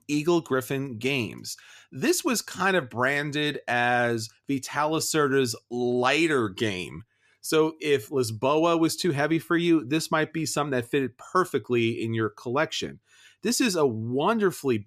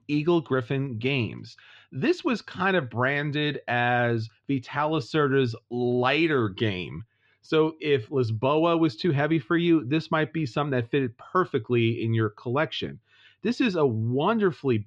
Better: first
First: none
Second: muffled; slightly; fading above 3.5 kHz

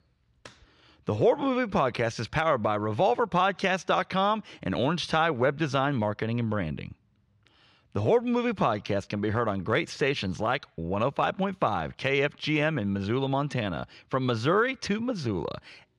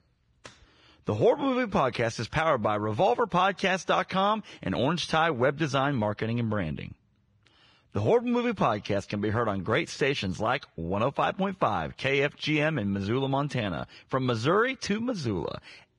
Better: first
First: none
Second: garbled, watery; badly; nothing above 10.5 kHz

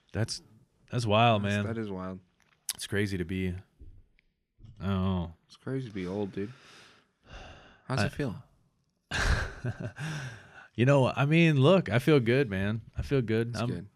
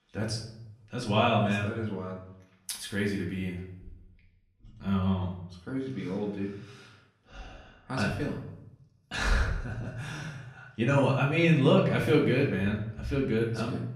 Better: first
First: none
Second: off-mic speech; far // room echo; slight; dies away in 0.6 s

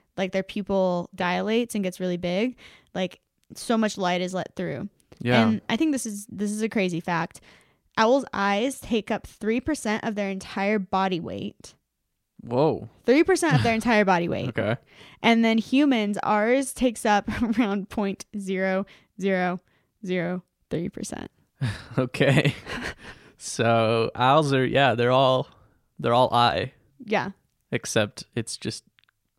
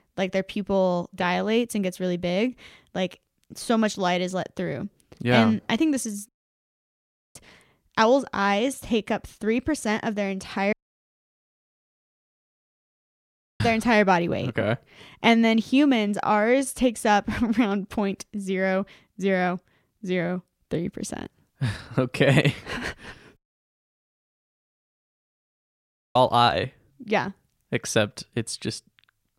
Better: first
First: none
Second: audio cutting out; at 6.5 s for 1 s, at 11 s for 3 s and at 23 s for 3 s

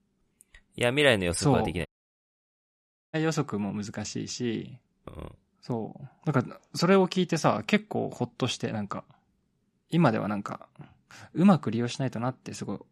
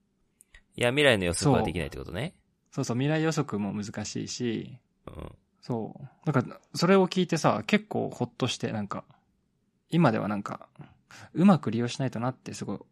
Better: second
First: audio cutting out; at 2 s for 1.5 s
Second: none

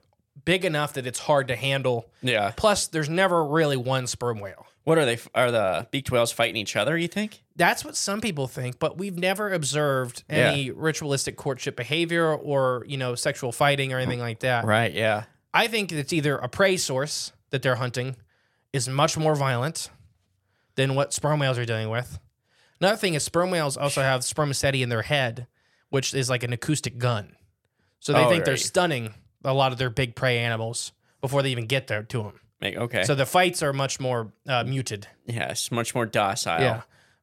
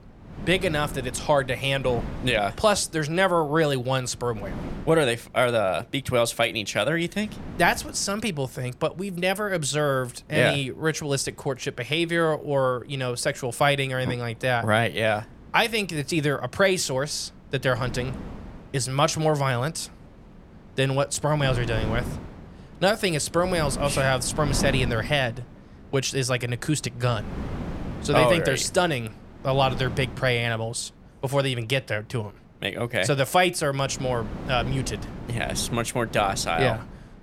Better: first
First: none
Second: wind noise on the microphone; occasional gusts; 15 dB below the speech

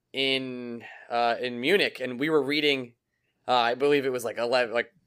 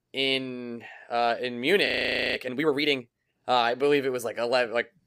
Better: first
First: none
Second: audio freezing; at 2 s

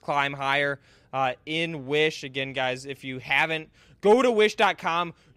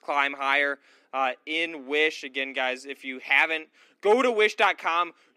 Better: first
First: none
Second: thin; very slightly; fading below 250 Hz

